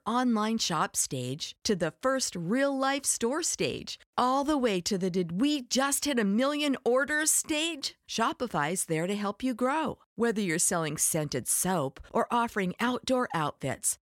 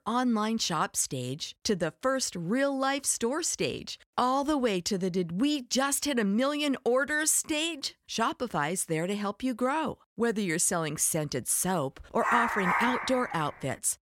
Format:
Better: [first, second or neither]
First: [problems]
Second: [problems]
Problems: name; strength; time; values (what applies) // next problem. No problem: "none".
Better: first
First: none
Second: dog barking; loud; from 12 to 13 s; peak 1 dB above the speech